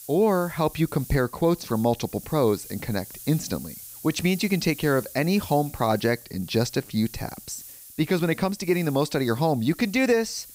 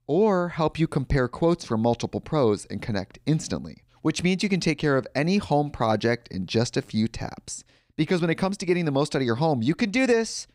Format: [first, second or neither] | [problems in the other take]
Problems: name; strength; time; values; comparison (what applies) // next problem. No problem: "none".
second | hiss; noticeable; throughout; 15 dB below the speech